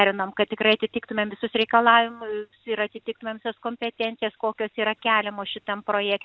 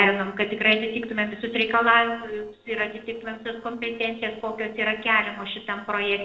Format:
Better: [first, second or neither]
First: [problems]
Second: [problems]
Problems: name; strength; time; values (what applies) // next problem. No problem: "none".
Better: first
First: none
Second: noise reduction (neural separator model SepFormer DNS4)